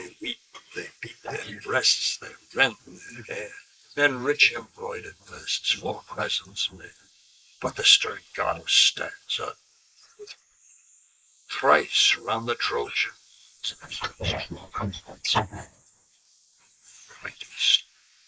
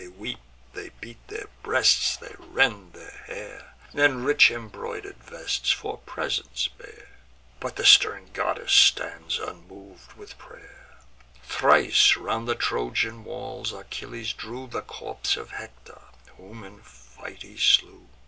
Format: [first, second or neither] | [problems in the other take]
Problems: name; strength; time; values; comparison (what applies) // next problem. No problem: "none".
second | noise reduction (neural mask model Resemble Enhance denoiser)